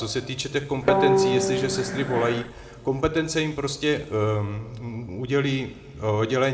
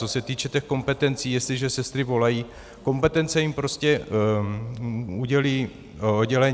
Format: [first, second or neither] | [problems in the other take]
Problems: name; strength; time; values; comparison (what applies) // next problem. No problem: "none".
second | background sound (Guitar); 2 dB above the speech // room echo; dies away in 1.6 s